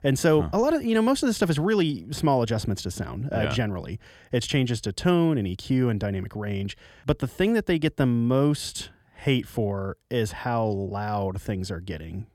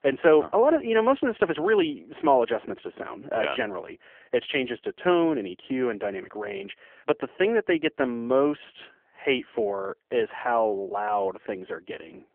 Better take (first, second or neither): first